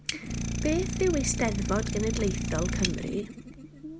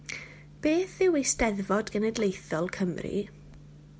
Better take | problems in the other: second | background sound (Idling); as loud as the speech

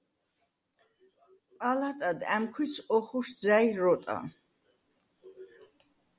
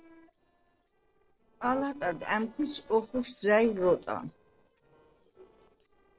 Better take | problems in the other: first | noise reduction (neural separator model SepFormer DNS4)

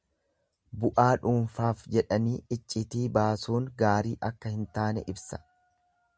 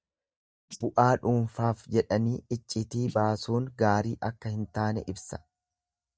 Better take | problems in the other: first | noise reduction (neural mask model DeepFilterNet 3)

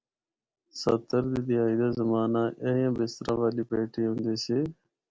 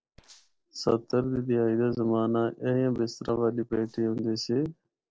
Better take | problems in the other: first | noise reduction (neural separator model SepFormer DNS4)

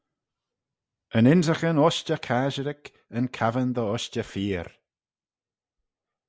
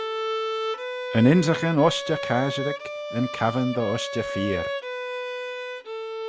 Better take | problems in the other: first | background sound (Bowed string instrument); 5 dB below the speech

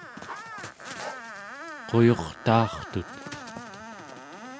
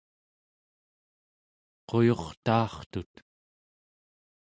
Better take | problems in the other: second | background sound (Dog + Screech); 11 dB below the speech

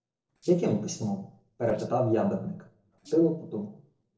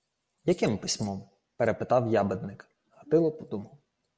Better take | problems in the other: second | noise reduction (neural separator model SepFormer DNS4)

